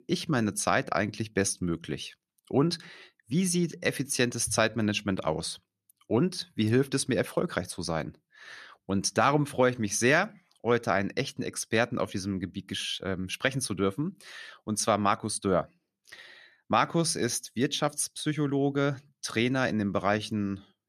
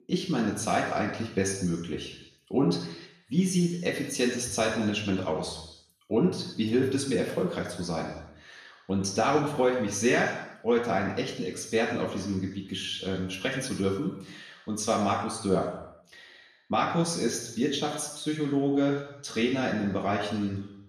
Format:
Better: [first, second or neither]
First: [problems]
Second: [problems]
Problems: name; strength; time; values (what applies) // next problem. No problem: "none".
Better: first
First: none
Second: room echo; noticeable; dies away in 0.9 s // off-mic speech; far